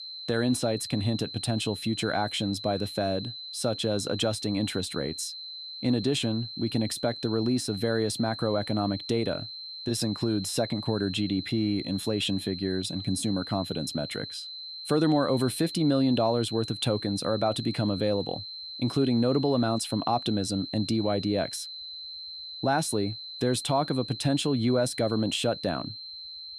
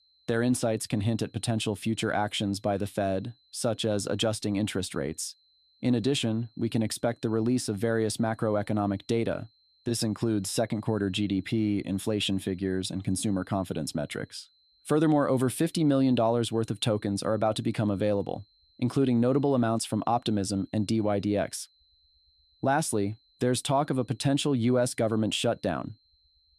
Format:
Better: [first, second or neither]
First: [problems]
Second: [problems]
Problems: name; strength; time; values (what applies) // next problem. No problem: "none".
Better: second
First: high-pitched whine; loud; throughout; 4 kHz, 9 dB below the speech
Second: high-pitched whine; faint; throughout; 4 kHz, 35 dB below the speech